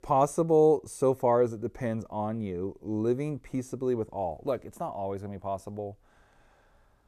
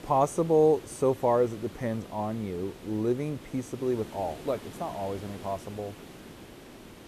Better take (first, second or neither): first